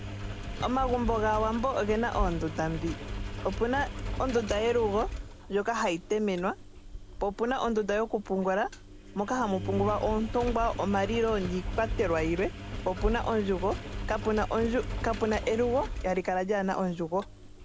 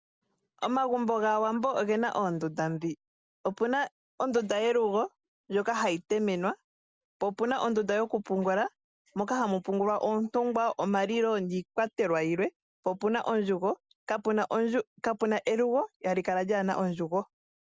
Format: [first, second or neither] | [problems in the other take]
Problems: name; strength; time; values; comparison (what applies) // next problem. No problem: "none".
second | background sound (Engine); 7 dB below the speech